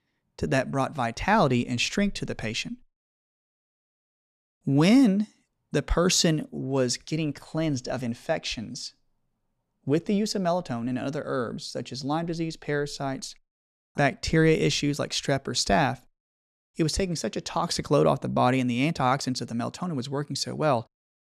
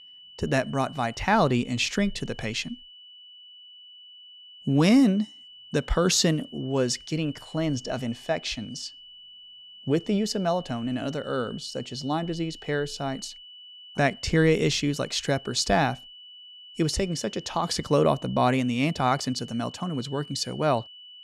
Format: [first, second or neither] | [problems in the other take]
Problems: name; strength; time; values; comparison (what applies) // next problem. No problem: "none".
first | high-pitched whine; noticeable; throughout; 3 kHz, 20 dB below the speech